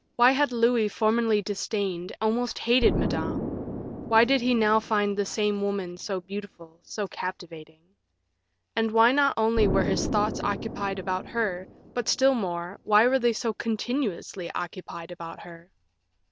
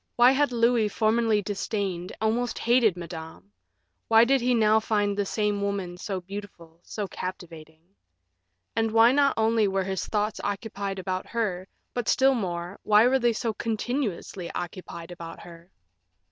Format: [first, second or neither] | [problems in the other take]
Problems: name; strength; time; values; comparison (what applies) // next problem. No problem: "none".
second | background sound (Explosion); 10 dB below the speech